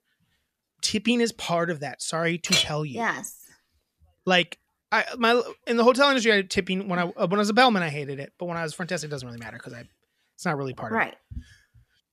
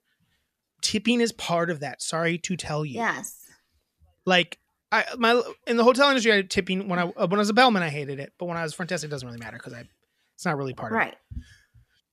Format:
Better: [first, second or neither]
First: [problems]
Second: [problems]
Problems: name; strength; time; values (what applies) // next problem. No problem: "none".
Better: second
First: clattering dishes; loud; at 2.5 s; peak 2 dB above the speech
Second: none